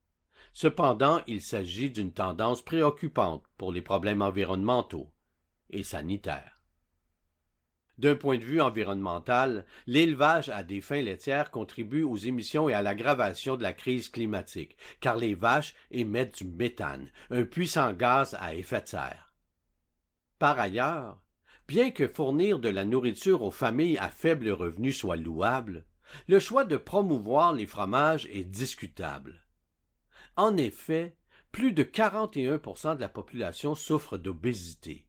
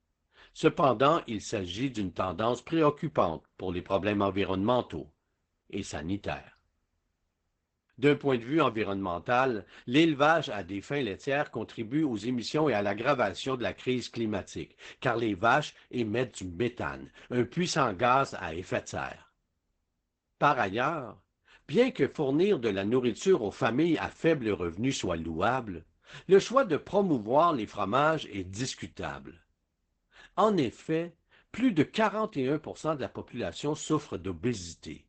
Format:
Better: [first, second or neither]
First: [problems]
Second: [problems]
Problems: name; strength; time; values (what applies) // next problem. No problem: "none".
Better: first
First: garbled, watery; slightly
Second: garbled, watery; badly; nothing above 8 kHz